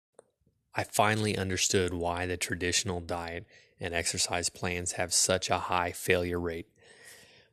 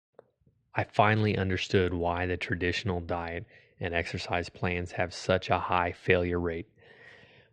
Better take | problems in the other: first | muffled; very; fading above 3 kHz

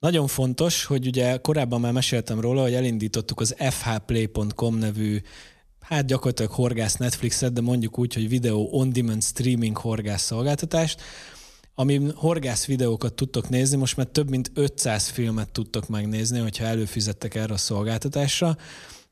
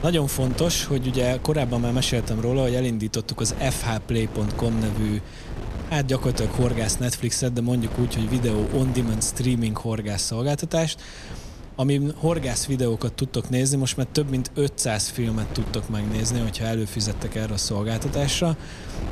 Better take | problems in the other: first | wind noise on the microphone; occasional gusts; 15 dB below the speech

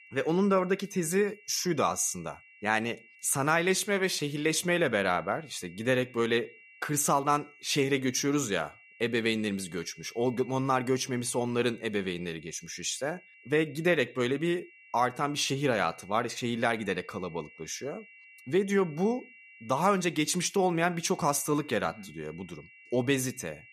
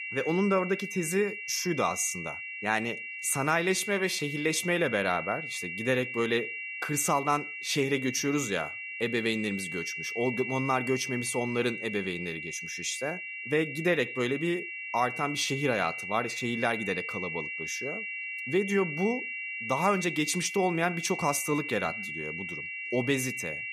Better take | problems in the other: first | high-pitched whine; loud; throughout; 2.5 kHz, 5 dB below the speech; faint in the first

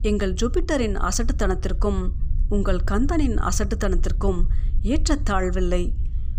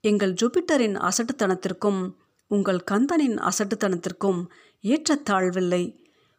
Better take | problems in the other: second | low rumble; faint; throughout; 20 dB below the speech

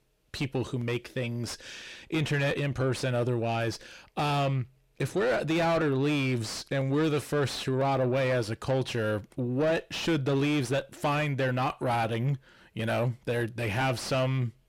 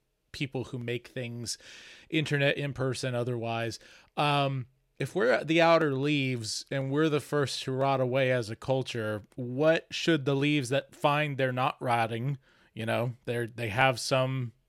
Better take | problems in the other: second | distortion; heavy; 7 dB below the speech

